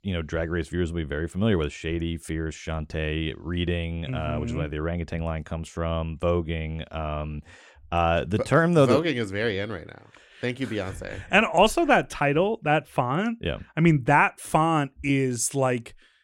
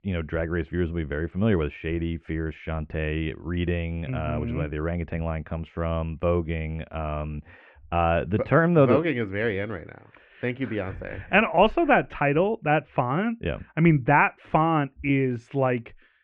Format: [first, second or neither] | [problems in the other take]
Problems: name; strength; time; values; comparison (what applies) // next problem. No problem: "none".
first | muffled; very; fading above 2.5 kHz